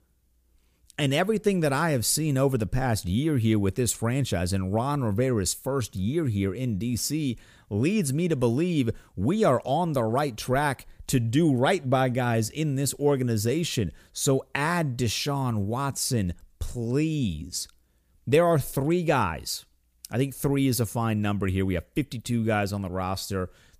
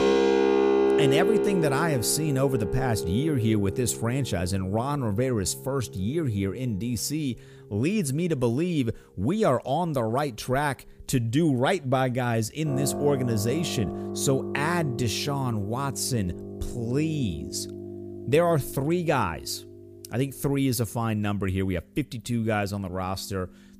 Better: first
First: none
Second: background music; loud; throughout; 3 dB below the speech

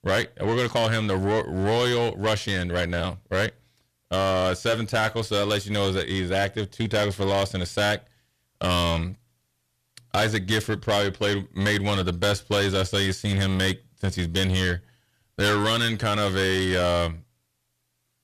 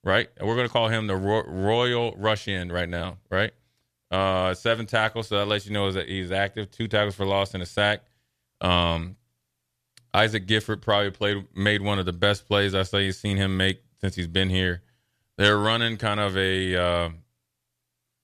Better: second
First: distortion; heavy; 8 dB below the speech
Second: none

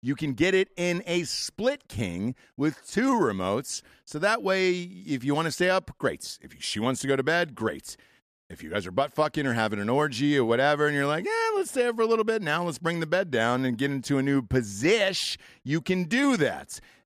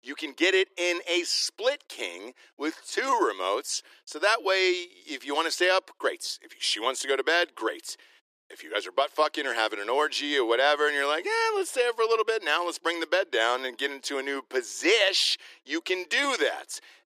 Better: first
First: none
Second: thin; very; fading below 350 Hz

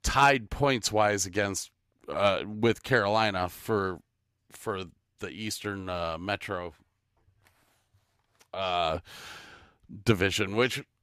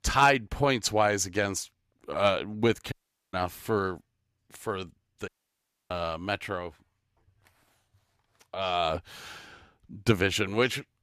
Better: first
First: none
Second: audio cutting out; at 3 s and at 5.5 s for 0.5 s

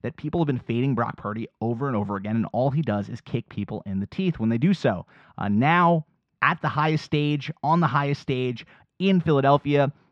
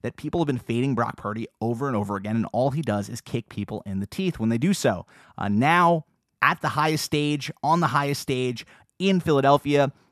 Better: second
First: muffled; slightly; fading above 4 kHz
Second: none

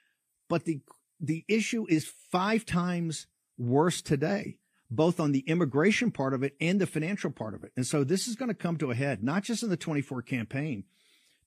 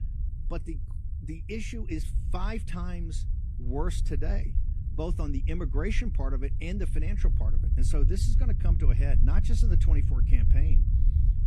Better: first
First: none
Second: low rumble; loud; throughout; 7 dB below the speech

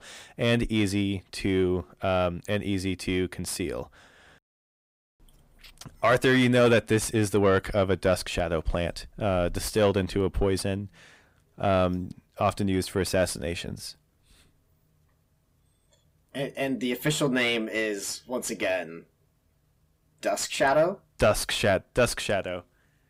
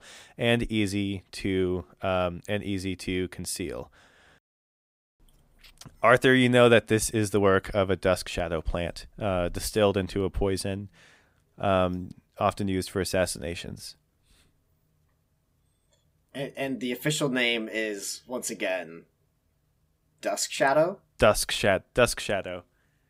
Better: second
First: distortion; slight; 10 dB below the speech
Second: none

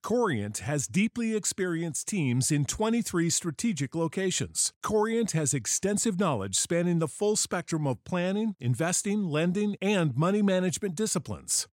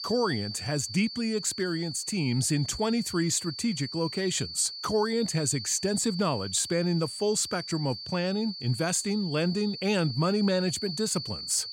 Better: first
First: none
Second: high-pitched whine; loud; throughout; 4.5 kHz, 8 dB below the speech

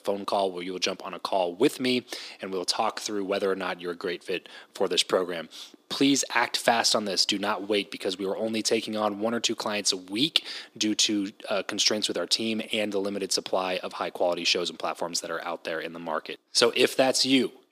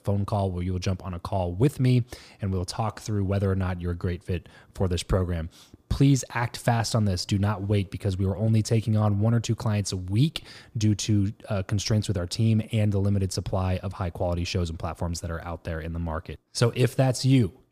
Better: second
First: thin; somewhat; fading below 300 Hz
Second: none

